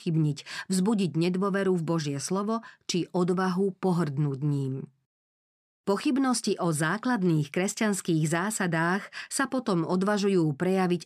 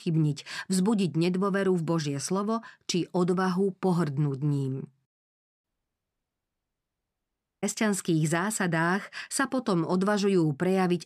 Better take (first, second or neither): first